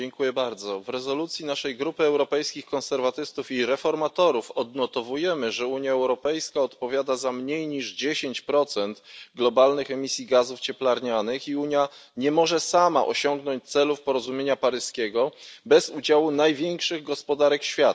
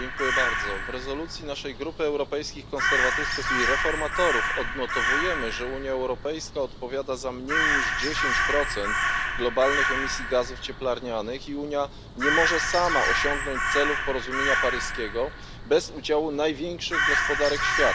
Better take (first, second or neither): first